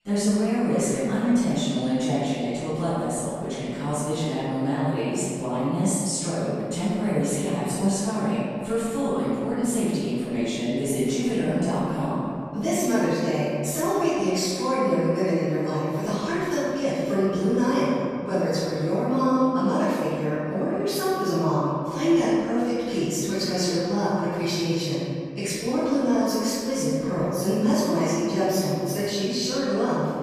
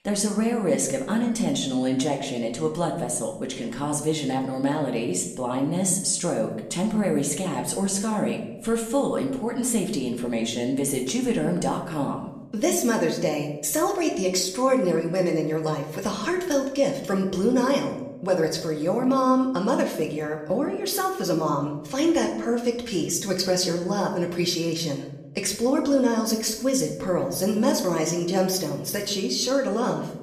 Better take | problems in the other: second | room echo; strong; dies away in 2.3 s; slight in the second // off-mic speech; far; somewhat distant in the second

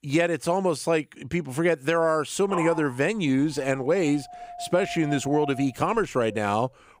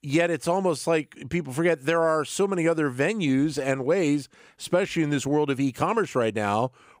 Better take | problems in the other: second | dog barking; noticeable; from 2.5 to 6.5 s; peak 7 dB below the speech

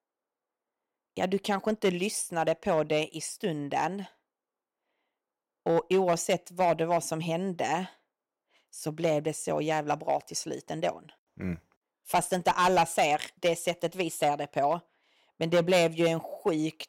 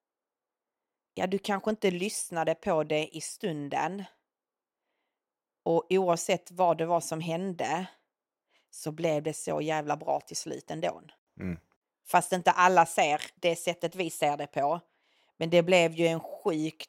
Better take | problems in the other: second | distortion; slight; 2% of the sound clipped

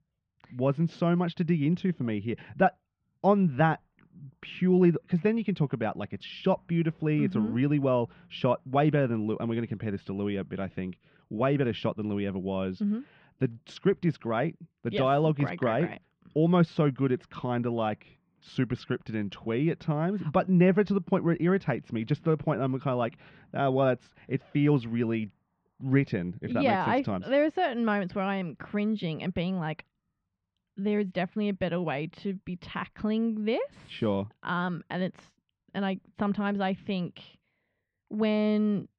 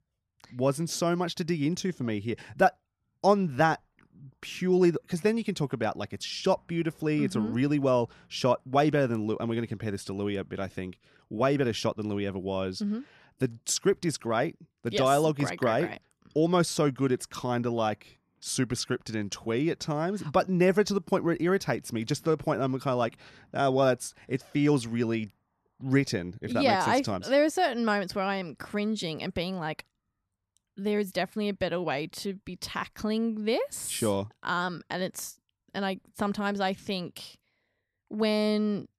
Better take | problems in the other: second | muffled; very; fading above 3 kHz

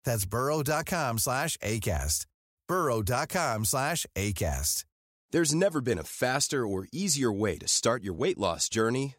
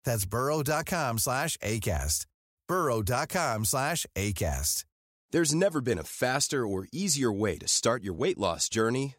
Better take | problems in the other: neither | none

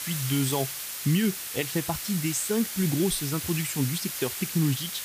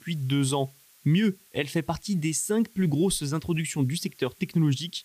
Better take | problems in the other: second | hiss; loud; throughout; 4 dB below the speech; faint in the second

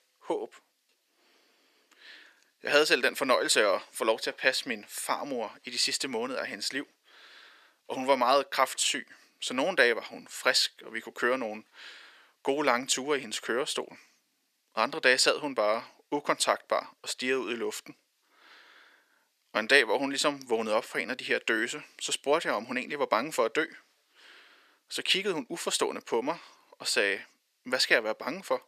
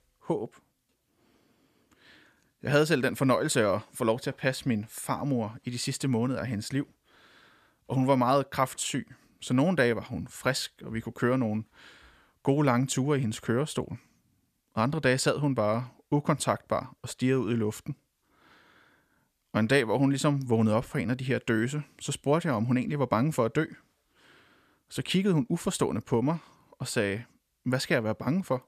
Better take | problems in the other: second | thin; somewhat; fading below 400 Hz

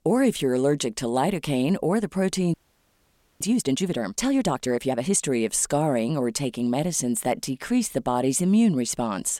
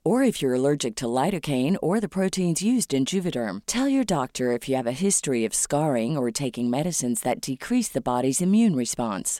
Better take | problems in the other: second | audio freezing; at 2.5 s for 1 s

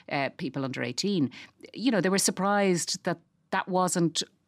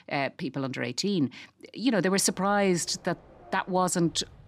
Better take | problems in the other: first | train or aircraft noise; faint; from 2 s on; 25 dB below the speech

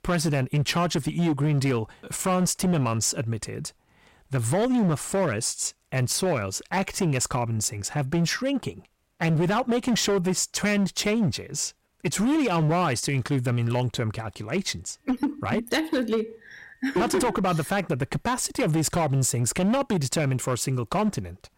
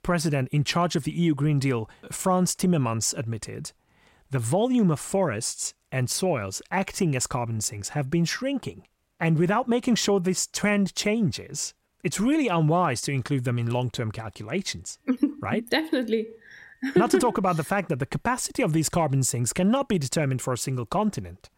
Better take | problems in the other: second | distortion; slight; 12% of the sound clipped

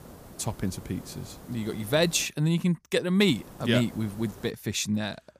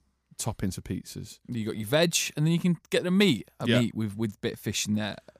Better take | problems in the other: second | hiss; noticeable; until 2.5 s and from 3.5 to 4.5 s; 20 dB below the speech

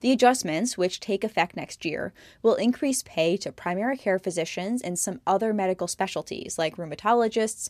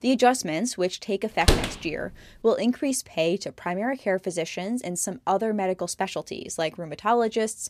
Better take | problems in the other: first | door banging; loud; at 1.5 s; peak 3 dB above the speech

